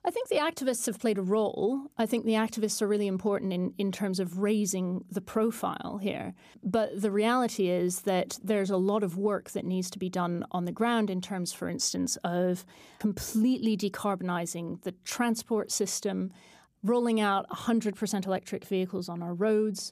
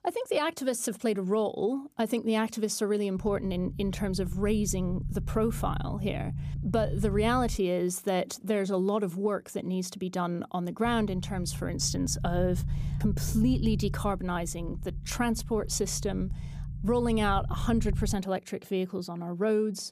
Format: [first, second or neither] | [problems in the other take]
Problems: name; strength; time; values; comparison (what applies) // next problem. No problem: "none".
first | low rumble; noticeable; from 3 to 7.5 s and from 11 to 18 s; 15 dB below the speech